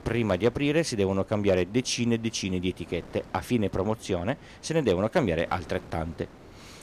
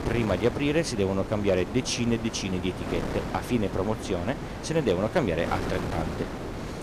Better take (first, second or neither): first